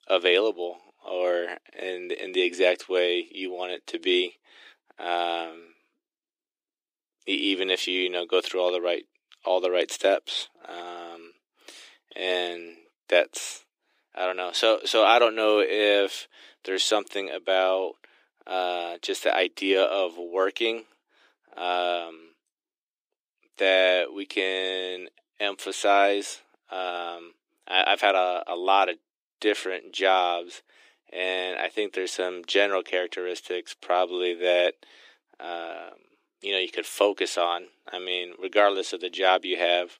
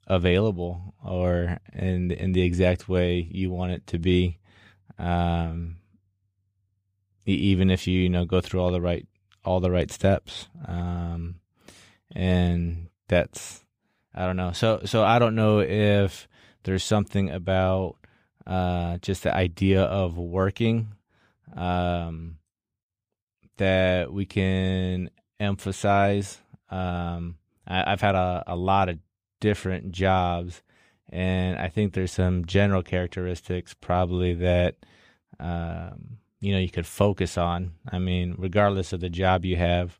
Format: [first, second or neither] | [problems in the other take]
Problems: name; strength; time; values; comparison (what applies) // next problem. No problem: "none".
second | thin; very; fading below 300 Hz